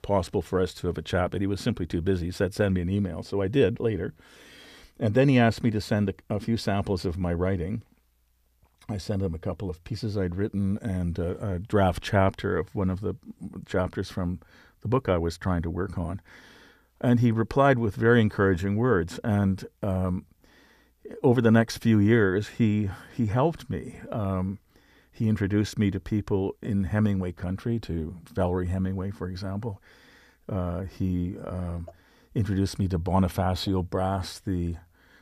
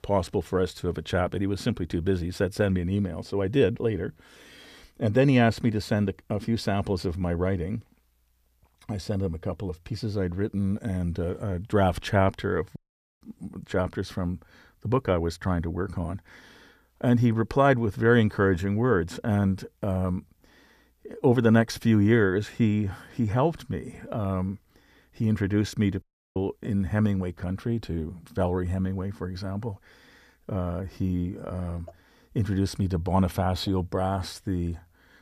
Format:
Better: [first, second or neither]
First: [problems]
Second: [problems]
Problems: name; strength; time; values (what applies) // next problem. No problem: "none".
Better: first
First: none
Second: audio cutting out; at 13 s and at 26 s